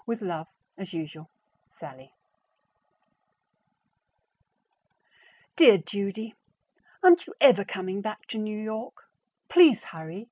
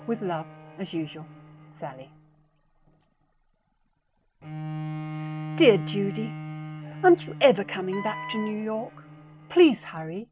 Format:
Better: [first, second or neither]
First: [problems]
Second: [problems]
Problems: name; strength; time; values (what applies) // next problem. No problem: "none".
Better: first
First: none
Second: background sound (Bowed string instrument + Wind instrument, woodwind instrument); 11 dB below the speech